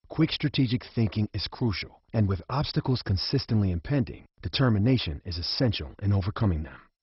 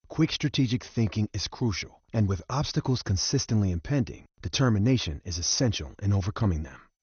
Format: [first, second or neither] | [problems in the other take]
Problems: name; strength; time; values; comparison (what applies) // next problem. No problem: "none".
second | garbled, watery; badly; nothing above 5.5 kHz; slightly in the second